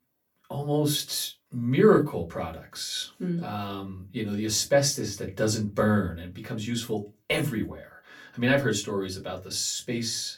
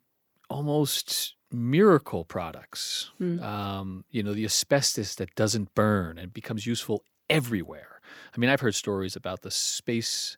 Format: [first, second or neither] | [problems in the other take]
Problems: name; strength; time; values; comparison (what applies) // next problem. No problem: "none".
second | off-mic speech; far // room echo; very slight; dies away in 0.2 s